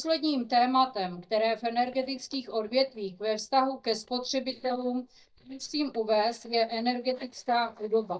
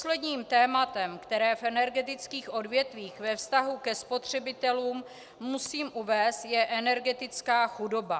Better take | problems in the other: second | noise reduction (neural mask model DeepFilterNet 3)

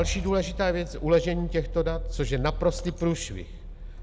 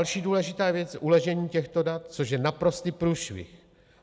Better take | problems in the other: second | background sound (Rattle / Engine starting / Car); 6 dB below the speech

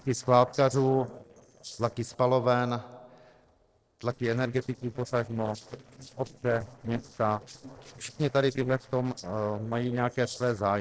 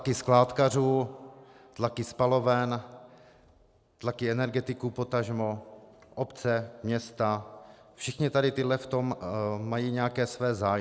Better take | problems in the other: second | noise reduction (neural separator model SepFormer DNS4)

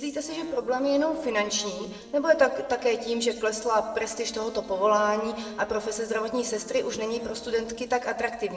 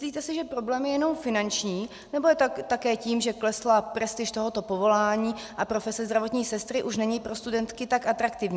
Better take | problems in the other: second | noise reduction (neural separator model SepFormer DNS4)

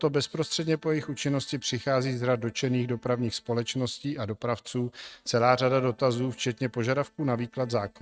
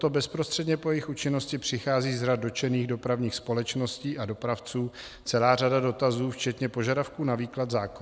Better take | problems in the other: second | noise reduction (neural mask model RNNoise)

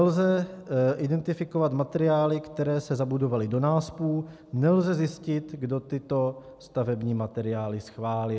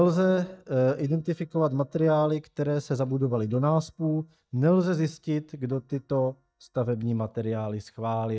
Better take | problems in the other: first | noise reduction (neural mask model DeepFilterNet 3)

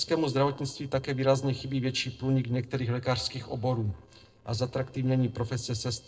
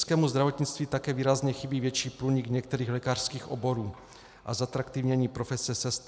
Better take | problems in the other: second | noise reduction (neural separator model SepFormer DNS4)

